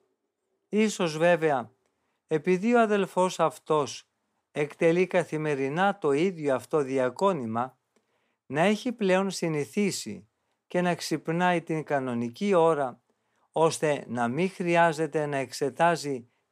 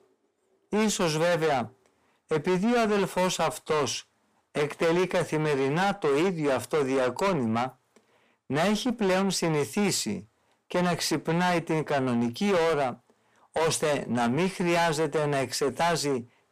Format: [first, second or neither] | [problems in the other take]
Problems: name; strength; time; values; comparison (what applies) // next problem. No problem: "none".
first | distortion; heavy; 6 dB below the speech